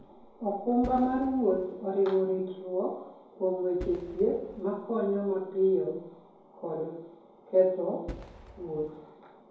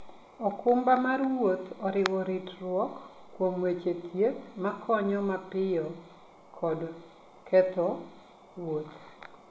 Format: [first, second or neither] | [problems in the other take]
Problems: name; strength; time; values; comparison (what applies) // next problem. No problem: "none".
second | background sound (Fireworks); 17 dB below the speech // room echo; dies away in 2.3 s